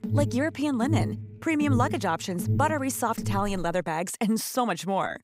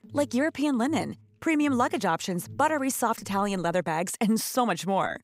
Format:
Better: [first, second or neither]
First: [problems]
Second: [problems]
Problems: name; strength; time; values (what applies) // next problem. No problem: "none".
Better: second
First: alarms or sirens; loud; until 3.5 s; 4 dB below the speech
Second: alarms or sirens; faint; until 3.5 s; 20 dB below the speech